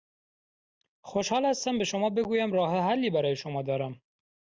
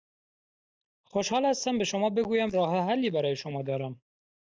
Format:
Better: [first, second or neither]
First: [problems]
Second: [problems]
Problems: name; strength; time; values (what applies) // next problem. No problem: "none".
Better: first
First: none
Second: noise reduction (neural mask model DeepFilterNet 3)